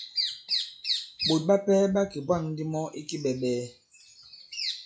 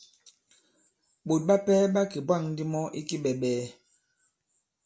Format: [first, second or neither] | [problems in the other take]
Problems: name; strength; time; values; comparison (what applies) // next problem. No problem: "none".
second | noise reduction (classical method log-MMSE)